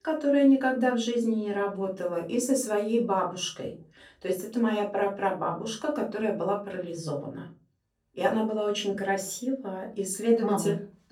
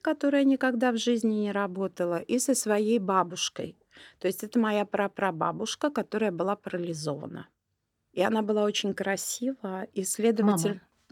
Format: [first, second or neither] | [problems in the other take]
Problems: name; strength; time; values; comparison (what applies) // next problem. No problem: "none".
second | off-mic speech; far // room echo; slight; dies away in 0.3 s